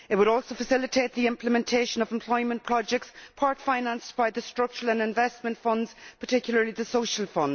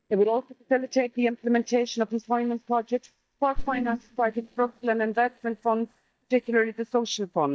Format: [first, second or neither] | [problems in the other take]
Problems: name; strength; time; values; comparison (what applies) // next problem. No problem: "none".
first | noise reduction (neural mask model DeepFilterNet 3)